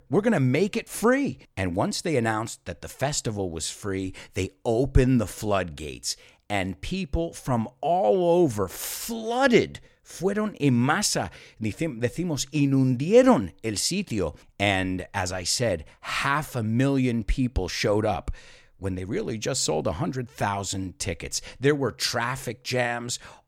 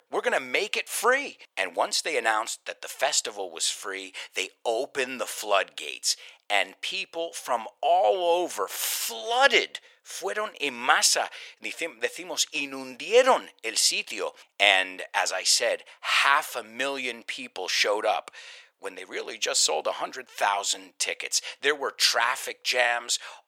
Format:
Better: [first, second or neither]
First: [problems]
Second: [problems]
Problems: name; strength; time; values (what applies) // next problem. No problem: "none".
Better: first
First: none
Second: thin; very; fading below 600 Hz